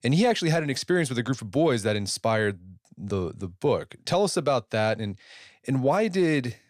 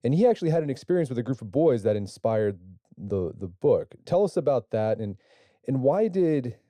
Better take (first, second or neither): first